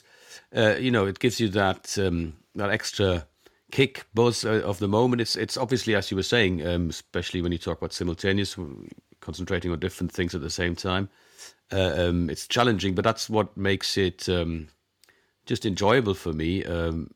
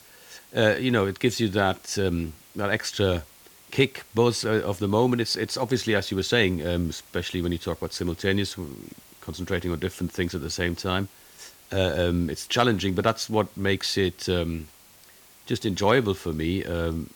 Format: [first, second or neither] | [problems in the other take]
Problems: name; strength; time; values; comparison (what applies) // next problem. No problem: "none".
first | hiss; faint; throughout; 25 dB below the speech